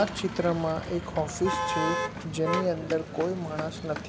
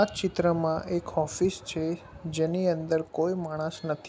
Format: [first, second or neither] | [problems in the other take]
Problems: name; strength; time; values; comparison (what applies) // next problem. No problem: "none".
second | background sound (Motor vehicle (road)); 4 dB below the speech